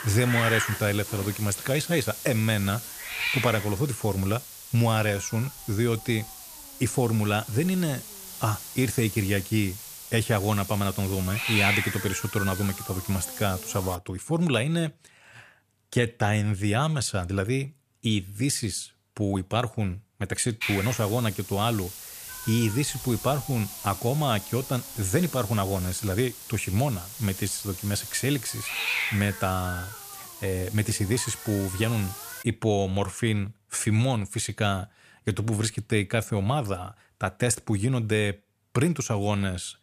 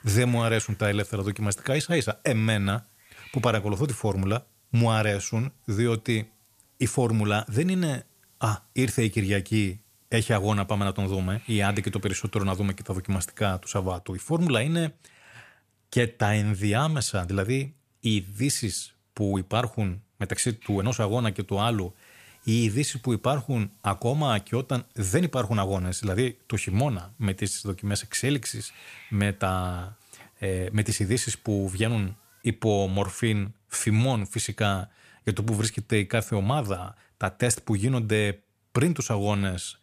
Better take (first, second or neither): second